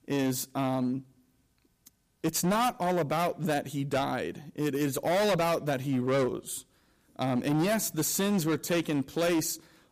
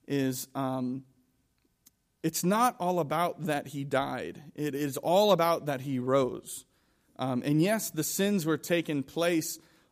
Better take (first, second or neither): second